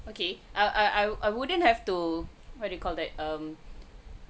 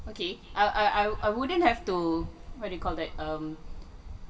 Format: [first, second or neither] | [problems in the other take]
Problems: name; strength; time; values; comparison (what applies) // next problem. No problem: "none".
first | room echo; dies away in 2.7 s